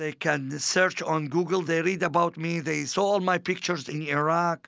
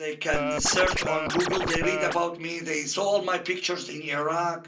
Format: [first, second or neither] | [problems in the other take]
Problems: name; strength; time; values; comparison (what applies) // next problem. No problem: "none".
first | background sound (Scratching (performance technique)); 1 dB below the speech // room echo; dies away in 0.3 s